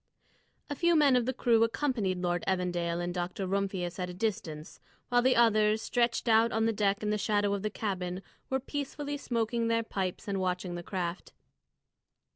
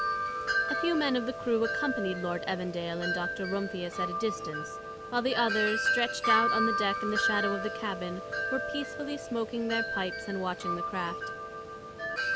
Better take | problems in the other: first | background sound (Wind chime); as loud as the speech

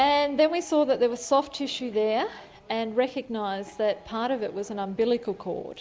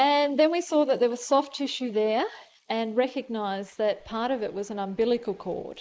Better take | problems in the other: first | noise reduction (neural mask model Resemble Enhance denoiser)

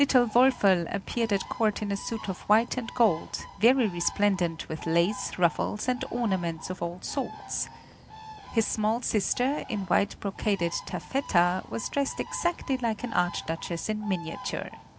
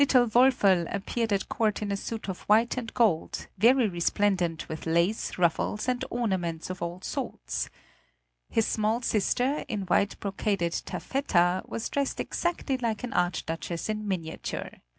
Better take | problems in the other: second | background sound (Bird); 17 dB below the speech

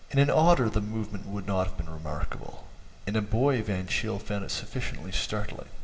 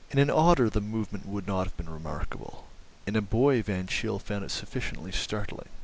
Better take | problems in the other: second | room echo; dies away in 2.7 s

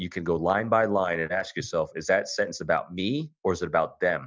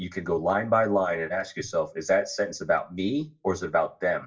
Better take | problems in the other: first | room echo; dies away in 0.2 s

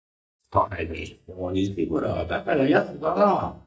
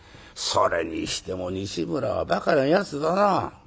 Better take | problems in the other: second | noise reduction (neural mask model DeepFilterNet 3)

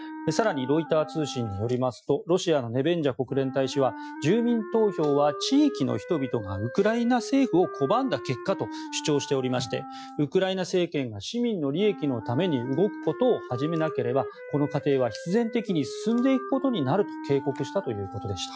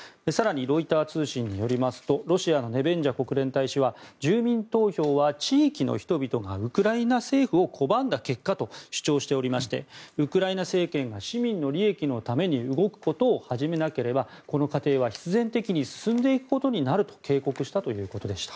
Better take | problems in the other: second | noise reduction (classical method Wiener filter)

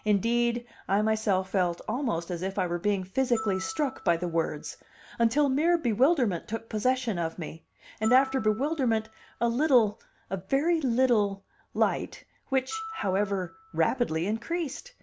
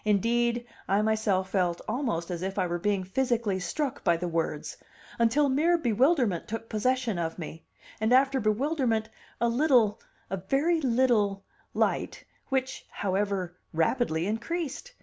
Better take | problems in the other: second | background sound (Glockenspiel); 20 dB below the speech

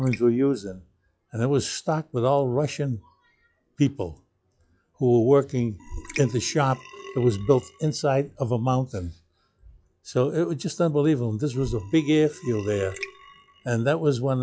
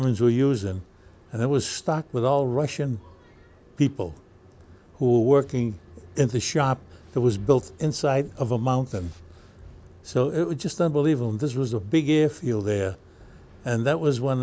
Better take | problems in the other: second | noise reduction (classical method log-MMSE)

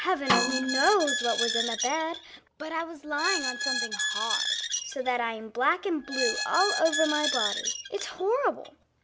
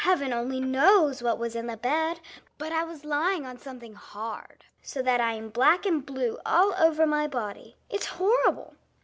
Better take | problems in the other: second | background sound (Squeak + Snare drum); 2 dB below the speech

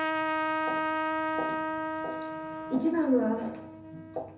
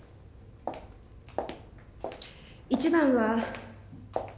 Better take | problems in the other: second | background sound (Trumpet); as loud as the speech // room echo; dies away in 0.3 s

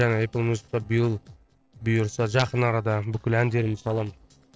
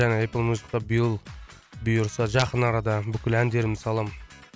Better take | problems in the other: second | noise reduction (neural separator model SepFormer DNS4)

